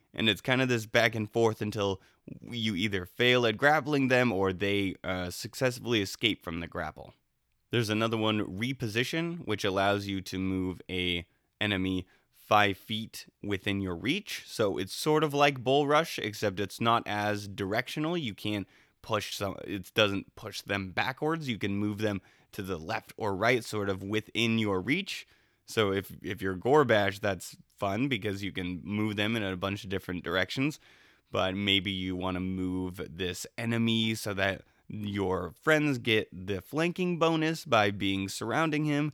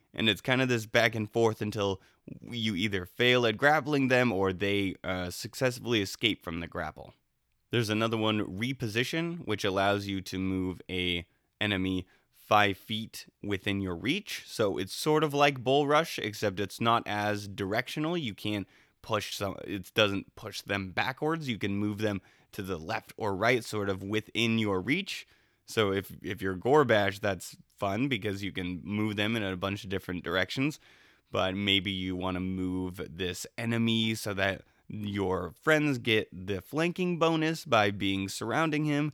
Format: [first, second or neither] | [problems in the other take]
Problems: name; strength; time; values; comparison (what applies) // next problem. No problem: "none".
neither | none